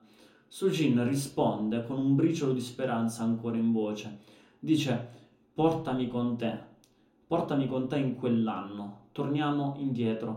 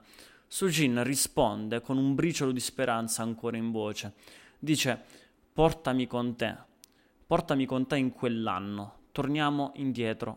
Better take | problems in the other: second | room echo; slight; dies away in 0.5 s // off-mic speech; somewhat distant

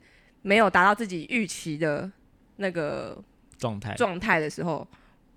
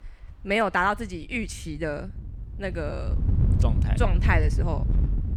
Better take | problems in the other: first | wind noise on the microphone; occasional gusts; 10 dB below the speech

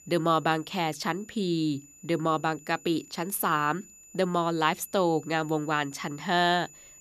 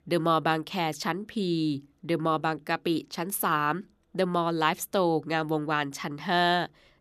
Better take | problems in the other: second | high-pitched whine; faint; throughout; 7 kHz, 20 dB below the speech

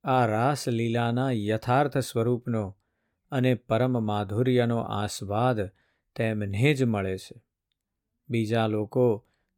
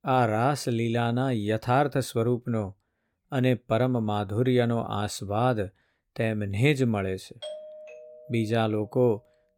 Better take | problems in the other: first | doorbell; faint; from 7.5 to 9 s; peak 15 dB below the speech

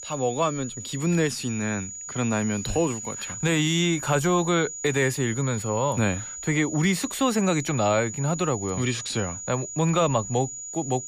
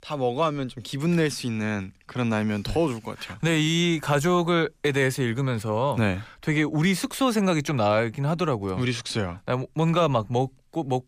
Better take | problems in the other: second | high-pitched whine; loud; throughout; 7 kHz, 8 dB below the speech

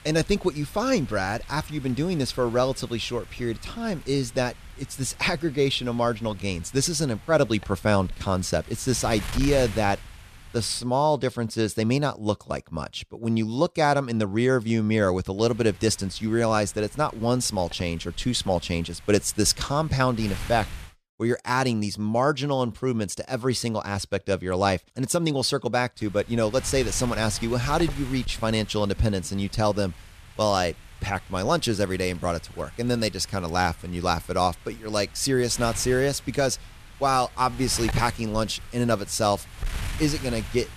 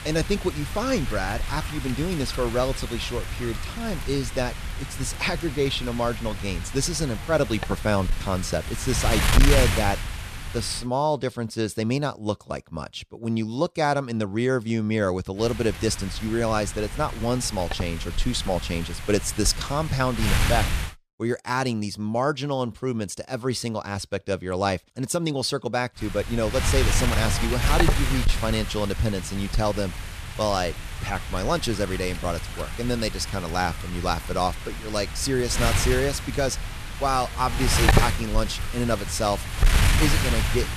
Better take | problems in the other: first | wind noise on the microphone; heavy; until 11 s, from 15 to 21 s and from 26 s on; 4 dB below the speech; occasional gusts in the first

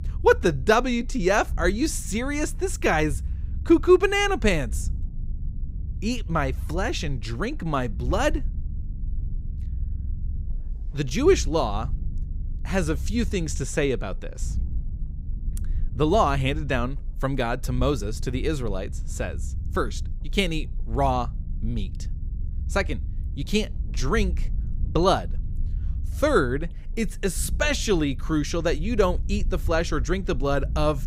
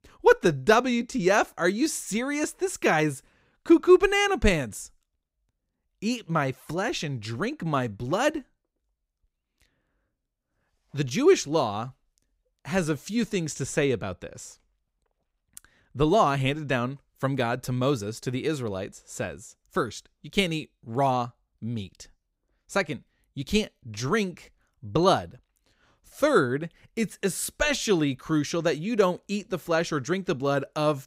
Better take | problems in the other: second | low rumble; faint; throughout; 25 dB below the speech

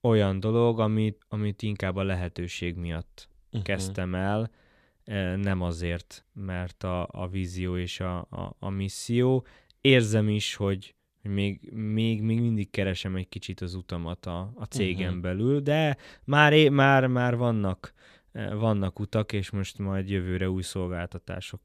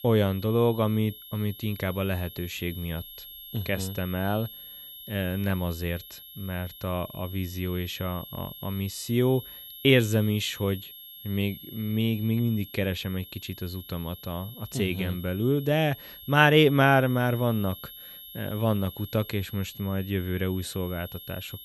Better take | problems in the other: first | high-pitched whine; noticeable; throughout; 11.5 kHz, 15 dB below the speech

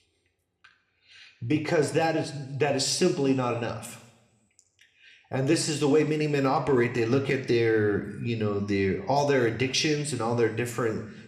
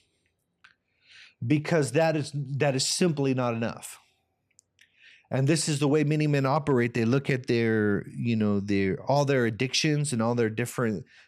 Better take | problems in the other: second | room echo; very slight; dies away in 0.8 s

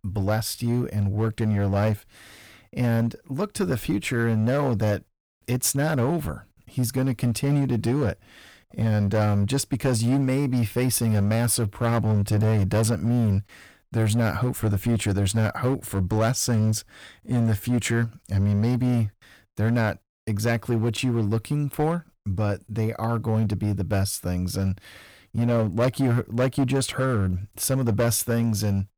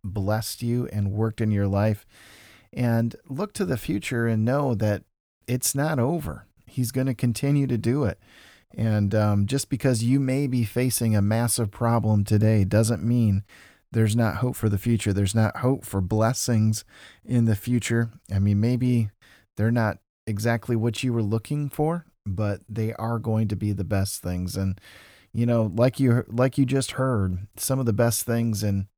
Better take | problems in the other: second | distortion; slight; 10% of the sound clipped

